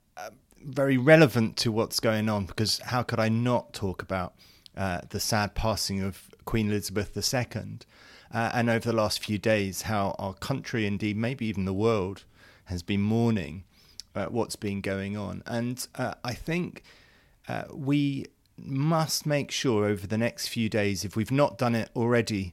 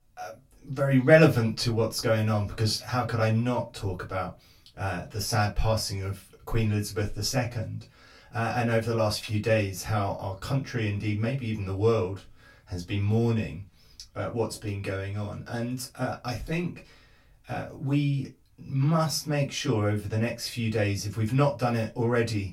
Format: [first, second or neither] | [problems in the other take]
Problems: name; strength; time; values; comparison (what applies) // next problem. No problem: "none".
first | off-mic speech; far // room echo; very slight; dies away in 0.2 s